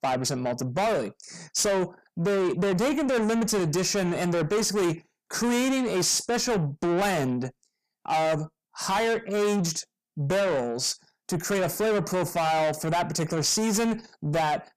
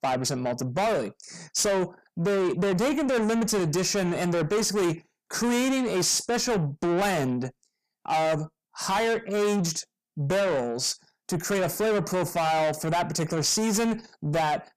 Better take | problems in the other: neither | distortion; heavy; 6 dB below the speech; the same in both

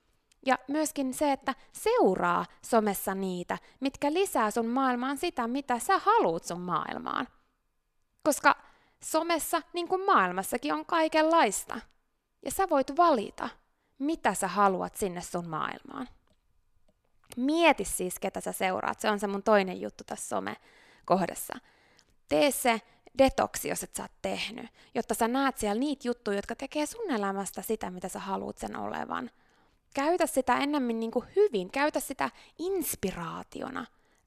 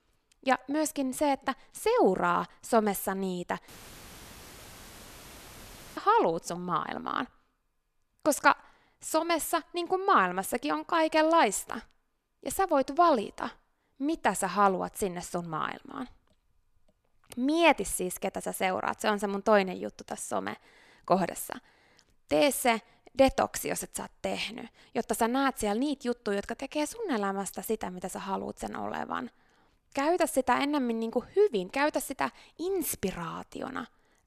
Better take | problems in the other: first | audio cutting out; filled with static; at 3.5 s for 2.5 s

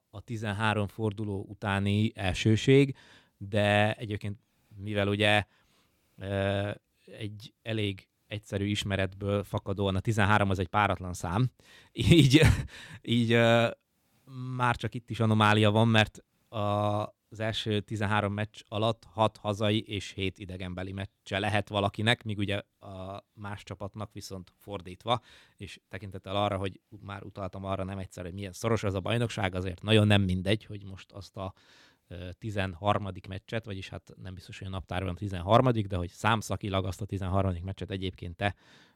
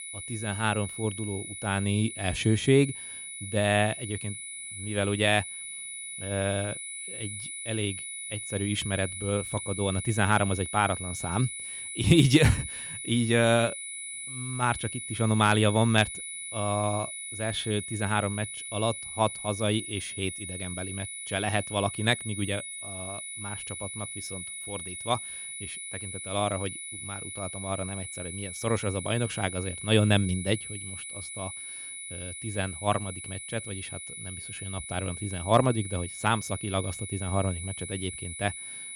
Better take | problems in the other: first | high-pitched whine; loud; throughout; 10 kHz, 8 dB below the speech

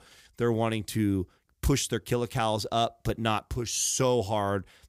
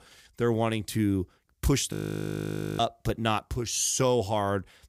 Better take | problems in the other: first | audio freezing; at 2 s for 1 s

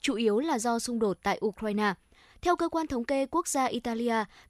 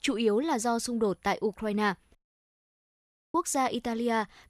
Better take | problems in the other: first | audio cutting out; at 2 s for 1 s

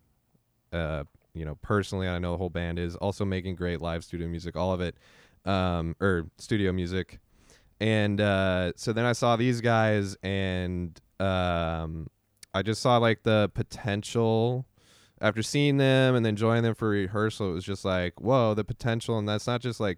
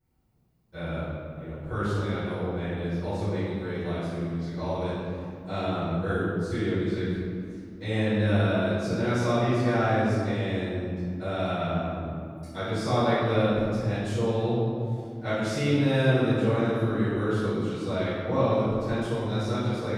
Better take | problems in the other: first | off-mic speech; far // room echo; strong; dies away in 2.2 s

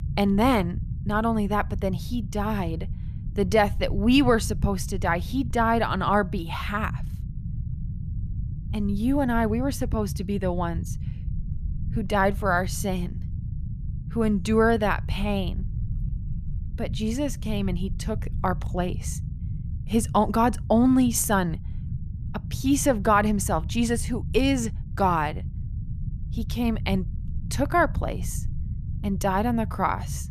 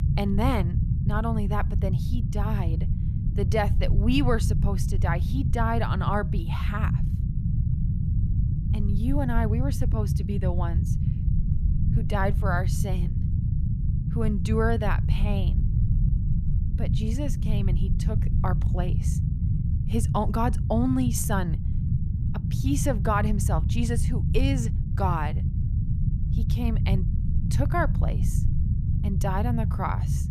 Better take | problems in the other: first | low rumble; loud; throughout; 9 dB below the speech; faint in the first

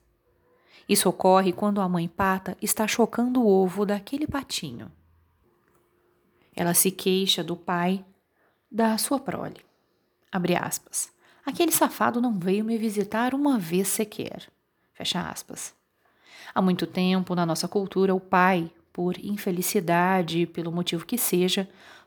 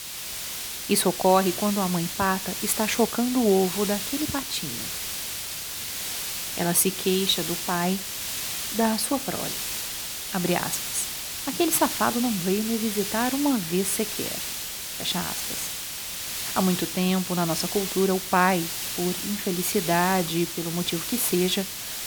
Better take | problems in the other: first | hiss; loud; throughout; 4 dB below the speech

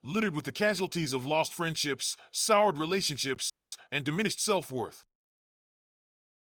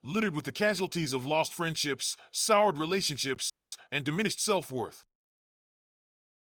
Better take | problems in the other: neither | audio freezing; at 3.5 s; the same in both

